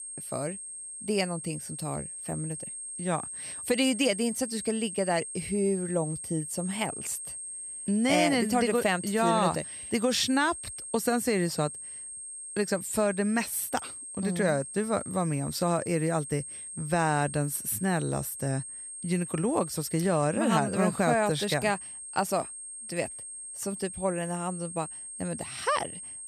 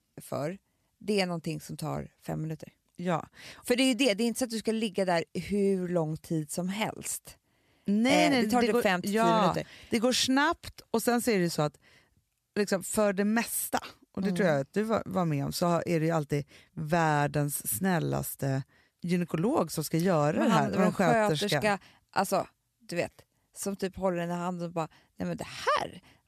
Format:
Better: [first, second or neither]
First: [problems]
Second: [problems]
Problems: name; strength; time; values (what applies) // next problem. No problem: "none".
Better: second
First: high-pitched whine; loud; throughout; 8.5 kHz, 8 dB below the speech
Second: none